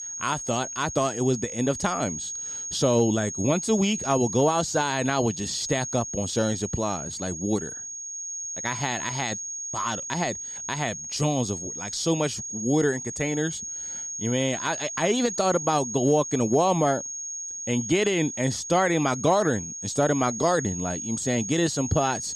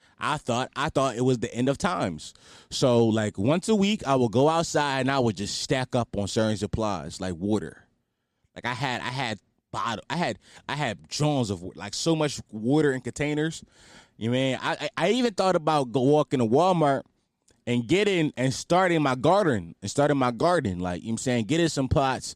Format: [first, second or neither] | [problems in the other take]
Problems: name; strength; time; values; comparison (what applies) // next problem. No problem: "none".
second | high-pitched whine; loud; throughout; 6.5 kHz, 6 dB below the speech